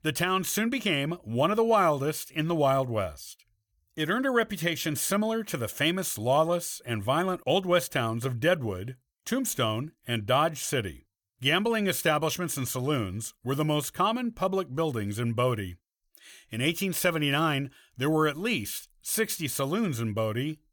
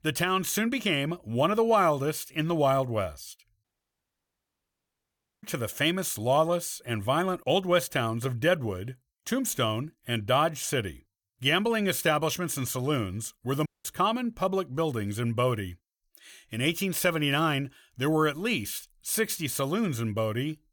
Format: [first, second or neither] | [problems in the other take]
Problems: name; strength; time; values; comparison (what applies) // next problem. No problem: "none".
first | audio cutting out; at 3.5 s for 2 s and at 14 s